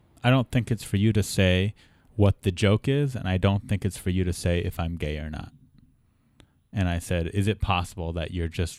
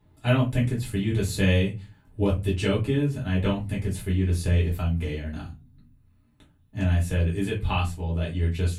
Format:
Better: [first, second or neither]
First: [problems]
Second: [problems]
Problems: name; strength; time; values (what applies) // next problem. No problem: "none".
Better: first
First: none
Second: off-mic speech; far // room echo; very slight; dies away in 0.2 s